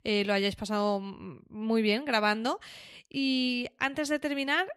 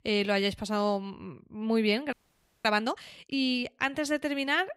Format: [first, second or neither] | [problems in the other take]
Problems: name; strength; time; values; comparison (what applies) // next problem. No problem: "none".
first | audio freezing; at 2 s for 0.5 s